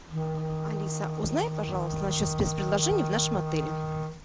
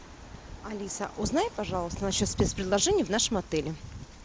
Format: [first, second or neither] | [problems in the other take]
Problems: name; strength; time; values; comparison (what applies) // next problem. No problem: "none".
second | background sound (Wind instrument, woodwind instrument); as loud as the speech